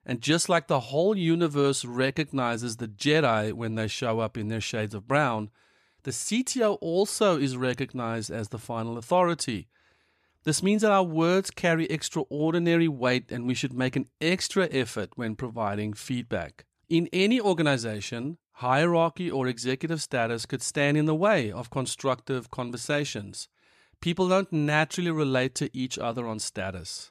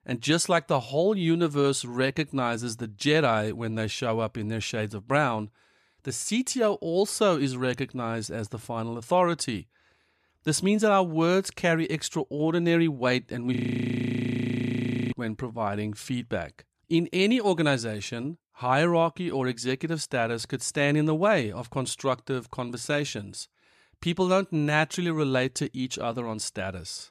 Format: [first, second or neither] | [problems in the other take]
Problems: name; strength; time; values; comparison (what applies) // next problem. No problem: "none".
first | audio freezing; at 14 s for 1.5 s